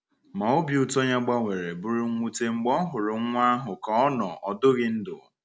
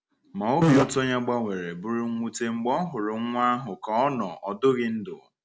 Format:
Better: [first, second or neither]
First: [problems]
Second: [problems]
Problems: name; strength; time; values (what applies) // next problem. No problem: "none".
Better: first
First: none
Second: background sound (Fart); 4 dB above the speech